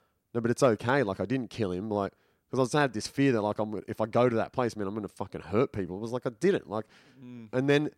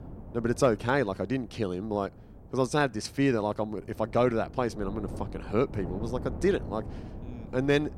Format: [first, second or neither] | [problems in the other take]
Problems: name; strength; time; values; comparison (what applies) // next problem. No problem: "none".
first | wind noise on the microphone; occasional gusts; 20 dB below the speech